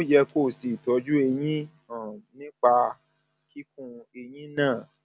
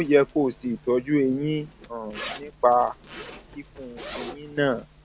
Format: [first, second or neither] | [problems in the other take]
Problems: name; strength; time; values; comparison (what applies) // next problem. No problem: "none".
first | background sound (Zipper (clothing)); 17 dB below the speech